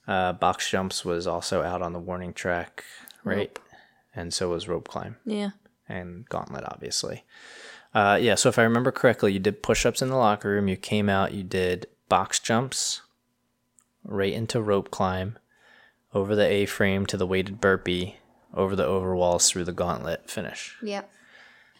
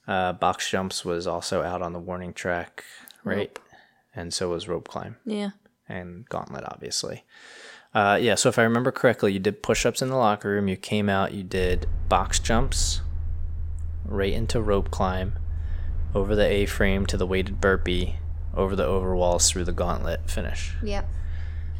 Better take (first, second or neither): first